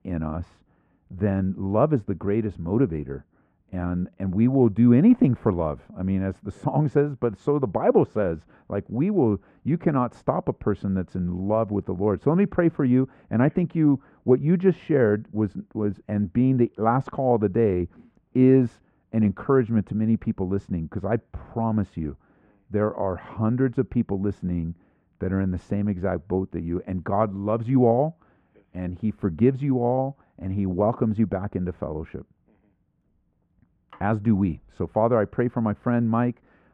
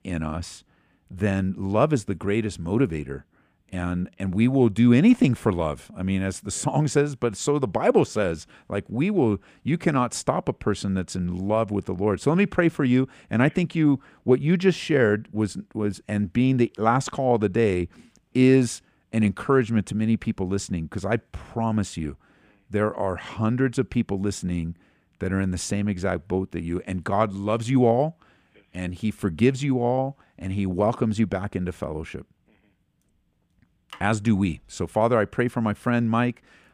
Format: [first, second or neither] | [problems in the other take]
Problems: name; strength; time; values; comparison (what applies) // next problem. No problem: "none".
second | muffled; very; fading above 3 kHz